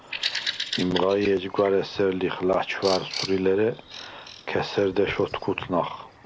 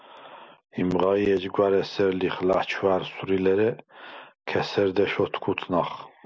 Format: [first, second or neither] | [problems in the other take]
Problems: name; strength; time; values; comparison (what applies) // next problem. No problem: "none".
second | background sound (Bird vocalization, bird call, bird song); 11 dB below the speech